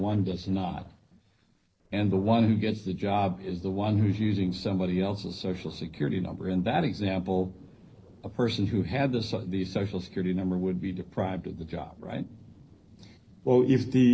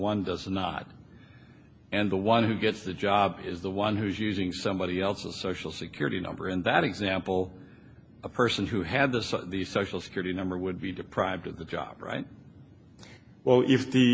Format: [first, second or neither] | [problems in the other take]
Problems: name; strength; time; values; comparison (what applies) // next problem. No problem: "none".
second | noise reduction (neural separator model SepFormer DNS4)